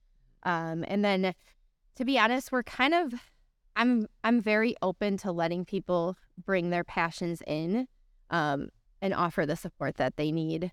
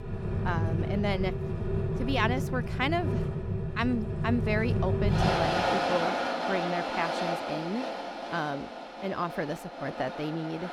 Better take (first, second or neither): first